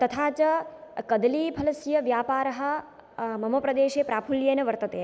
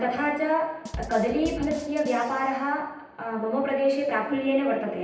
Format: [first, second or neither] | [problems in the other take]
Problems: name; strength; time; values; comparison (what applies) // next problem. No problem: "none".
first | background sound (Drum kit); 13 dB below the speech // room echo; dies away in 0.9 s